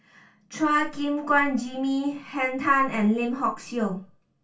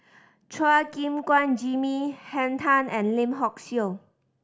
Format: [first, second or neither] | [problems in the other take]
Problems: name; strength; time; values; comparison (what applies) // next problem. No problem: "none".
second | room echo; dies away in 0.2 s